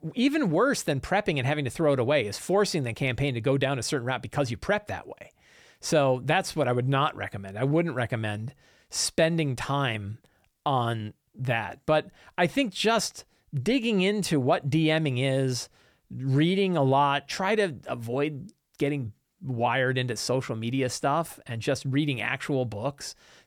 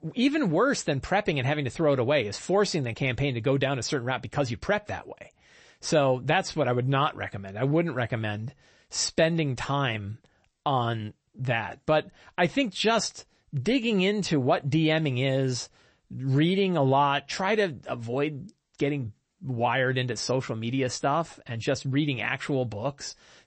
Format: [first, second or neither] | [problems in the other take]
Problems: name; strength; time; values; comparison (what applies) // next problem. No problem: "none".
first | garbled, watery; slightly; nothing above 8 kHz